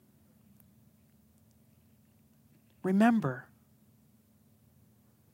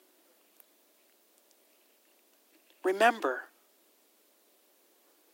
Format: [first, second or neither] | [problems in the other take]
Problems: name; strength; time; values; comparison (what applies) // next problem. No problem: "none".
first | thin; very; fading below 300 Hz